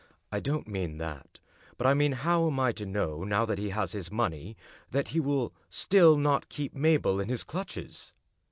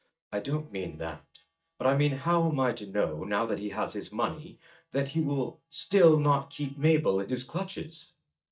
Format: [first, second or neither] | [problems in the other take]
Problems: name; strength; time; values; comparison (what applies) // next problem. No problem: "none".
first | noise reduction (neural mask model DeepFilterNet 3)